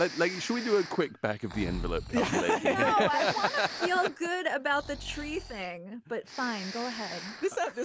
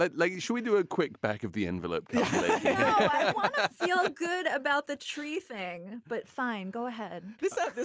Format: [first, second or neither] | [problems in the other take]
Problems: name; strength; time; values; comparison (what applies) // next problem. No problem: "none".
second | background sound (Breathing); 12 dB below the speech